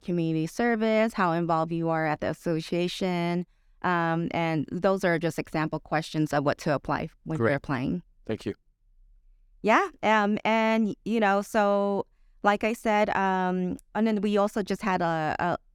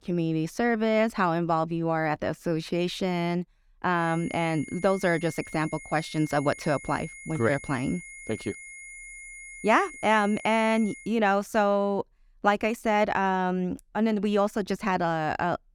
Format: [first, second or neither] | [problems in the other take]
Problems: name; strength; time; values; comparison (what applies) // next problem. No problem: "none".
first | high-pitched whine; noticeable; from 4 to 11 s; 2 kHz, 15 dB below the speech